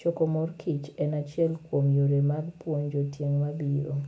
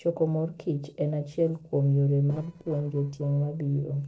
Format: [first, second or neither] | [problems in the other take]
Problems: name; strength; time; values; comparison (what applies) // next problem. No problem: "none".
first | noise reduction (neural separator model SepFormer DNS4)